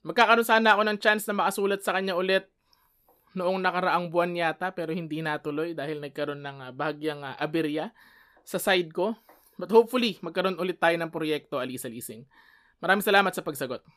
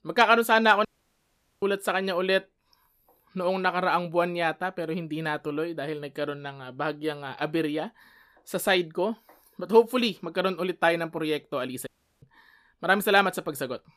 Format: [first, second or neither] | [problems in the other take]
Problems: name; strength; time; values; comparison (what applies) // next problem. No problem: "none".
first | audio cutting out; at 1 s for 1 s and at 12 s